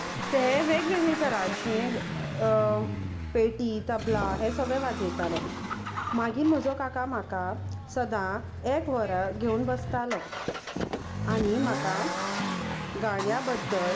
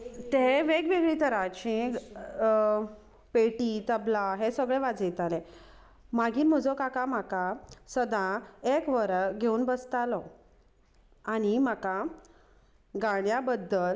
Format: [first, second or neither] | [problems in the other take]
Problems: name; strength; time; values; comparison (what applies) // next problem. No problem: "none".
second | background sound (Accelerating, revving, vroom); 4 dB below the speech // room echo; dies away in 2.1 s